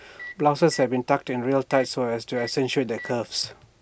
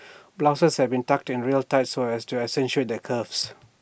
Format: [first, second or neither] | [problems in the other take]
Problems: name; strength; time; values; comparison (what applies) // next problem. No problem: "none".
second | background sound (Microwave oven); 19 dB below the speech